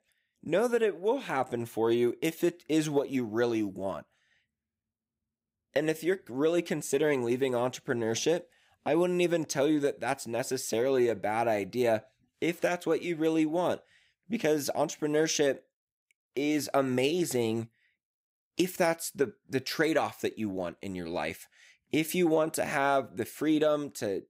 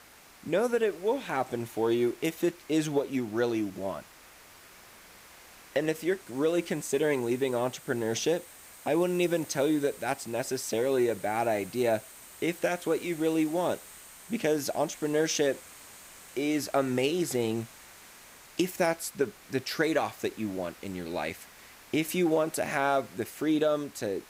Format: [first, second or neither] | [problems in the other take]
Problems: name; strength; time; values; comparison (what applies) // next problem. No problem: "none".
first | hiss; noticeable; throughout; 20 dB below the speech